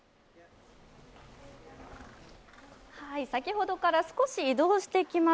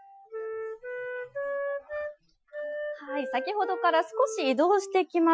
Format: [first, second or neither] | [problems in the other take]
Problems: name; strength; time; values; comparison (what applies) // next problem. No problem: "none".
first | noise reduction (classical method Wiener filter)